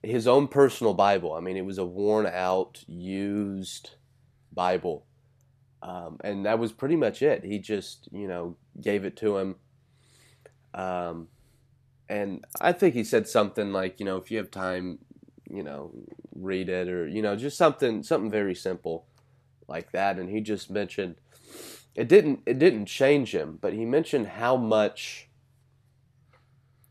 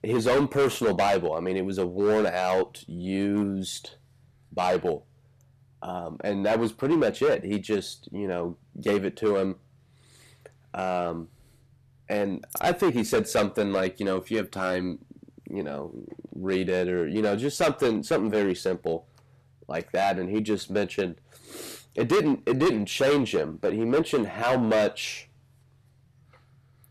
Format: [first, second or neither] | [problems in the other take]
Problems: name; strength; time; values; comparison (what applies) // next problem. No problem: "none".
first | distortion; heavy; 6% of the sound clipped